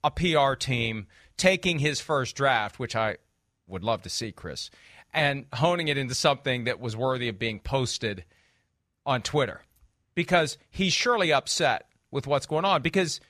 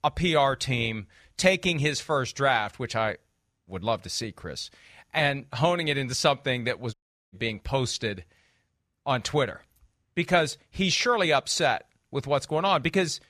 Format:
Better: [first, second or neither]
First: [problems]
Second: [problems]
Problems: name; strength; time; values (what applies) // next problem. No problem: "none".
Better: first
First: none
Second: audio cutting out; at 7 s